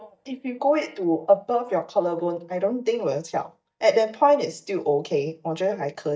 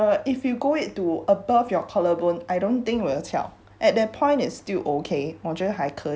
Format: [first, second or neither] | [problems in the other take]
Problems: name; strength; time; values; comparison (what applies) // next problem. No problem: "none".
second | noise reduction (neural mask model DeepFilterNet 3)